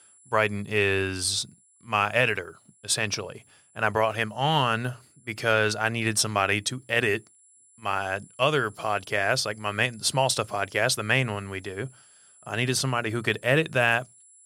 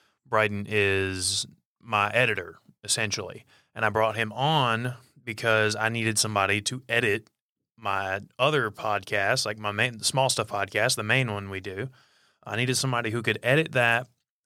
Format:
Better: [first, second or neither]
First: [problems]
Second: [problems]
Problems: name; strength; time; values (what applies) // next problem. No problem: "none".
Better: second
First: high-pitched whine; faint; throughout; 10 kHz, 30 dB below the speech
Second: none